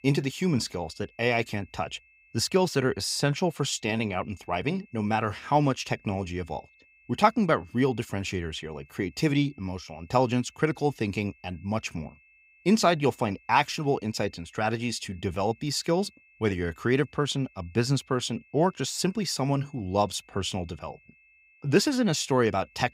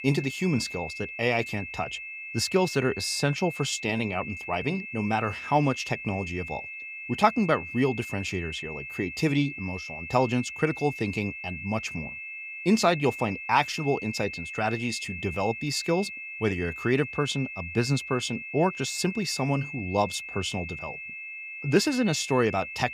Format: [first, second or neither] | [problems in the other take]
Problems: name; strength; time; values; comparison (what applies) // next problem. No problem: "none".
first | high-pitched whine; loud; throughout; 2.5 kHz, 8 dB below the speech; faint in the first